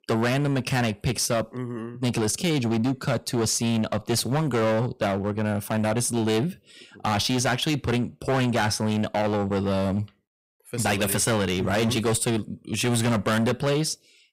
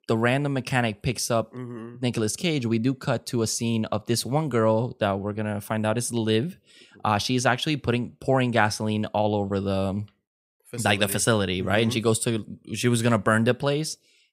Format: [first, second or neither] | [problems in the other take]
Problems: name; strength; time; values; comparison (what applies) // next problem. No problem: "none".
second | distortion; heavy; 17% of the sound clipped